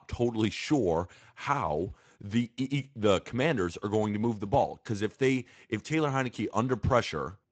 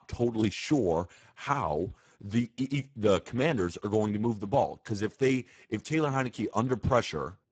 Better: first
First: garbled, watery; slightly; nothing above 7.5 kHz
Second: garbled, watery; badly; nothing above 7.5 kHz

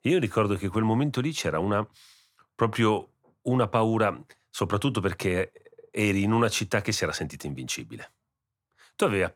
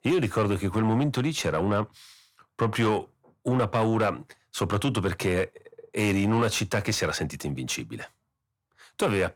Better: first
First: none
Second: distortion; slight; 10 dB below the speech

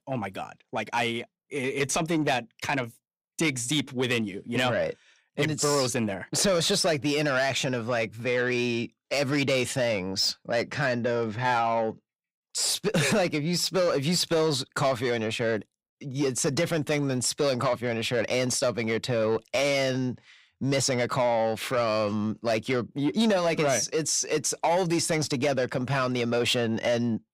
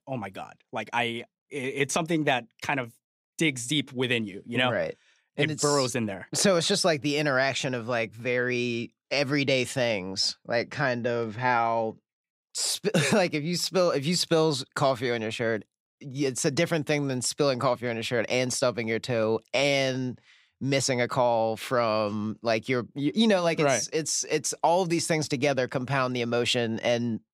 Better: second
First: distortion; slight; 10 dB below the speech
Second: none

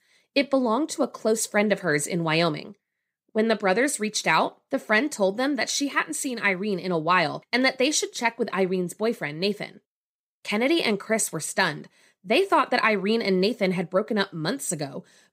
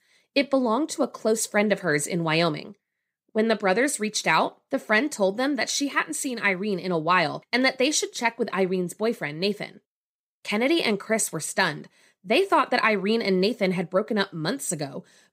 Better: neither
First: none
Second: none

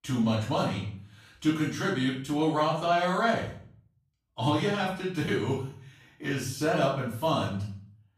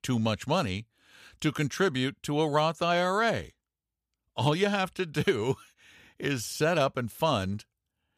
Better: second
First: off-mic speech; far // room echo; noticeable; dies away in 0.5 s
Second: none

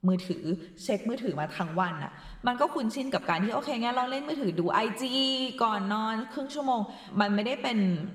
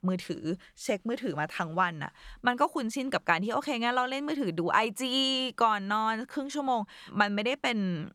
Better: second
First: room echo; slight; dies away in 1.5 s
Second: none

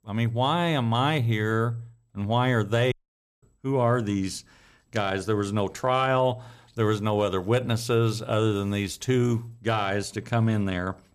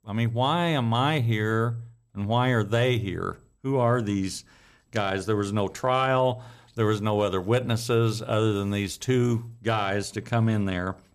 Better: second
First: audio cutting out; at 3 s for 0.5 s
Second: none

